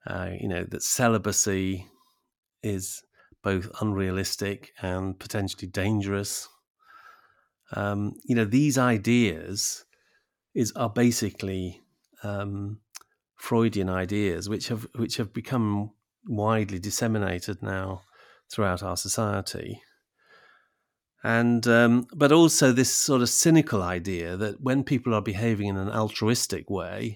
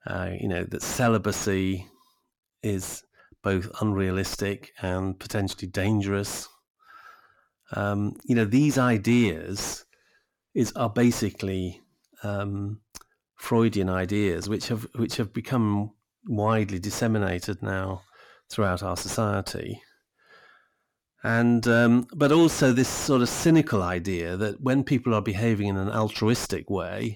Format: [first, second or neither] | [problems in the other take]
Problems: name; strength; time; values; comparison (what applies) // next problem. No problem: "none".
first | distortion; slight; 10 dB below the speech